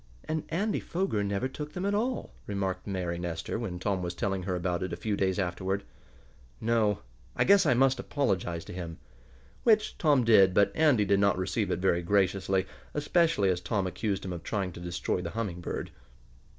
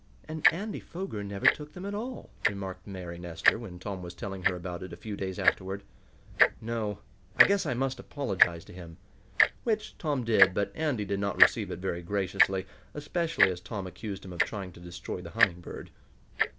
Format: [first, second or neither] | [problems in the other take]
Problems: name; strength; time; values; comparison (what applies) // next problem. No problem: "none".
first | background sound (Tick-tock); as loud as the speech